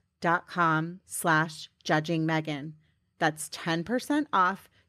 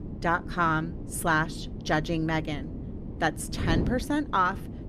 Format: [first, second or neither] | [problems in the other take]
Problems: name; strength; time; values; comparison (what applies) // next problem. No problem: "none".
first | wind noise on the microphone; occasional gusts; 15 dB below the speech